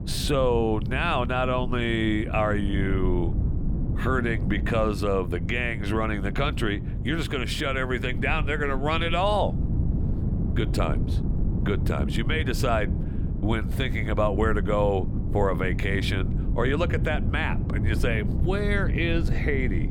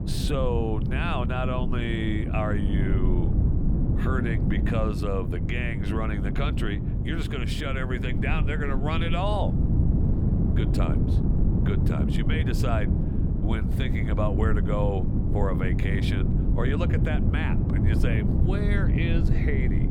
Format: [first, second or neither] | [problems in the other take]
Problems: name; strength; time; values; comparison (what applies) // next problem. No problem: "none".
first | wind noise on the microphone; heavy; 4 dB below the speech; occasional gusts in the first